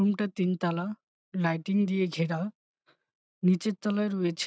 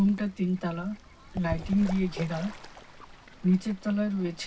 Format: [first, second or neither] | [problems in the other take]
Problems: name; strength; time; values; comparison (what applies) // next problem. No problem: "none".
first | background sound (Bird / Fowl); 13 dB below the speech // room echo; dies away in 0.4 s